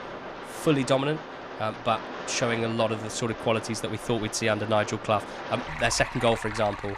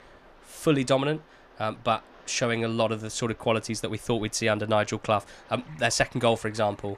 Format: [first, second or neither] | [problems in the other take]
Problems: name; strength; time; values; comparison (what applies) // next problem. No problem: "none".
second | rain or running water; loud; throughout; 10 dB below the speech; faint in the second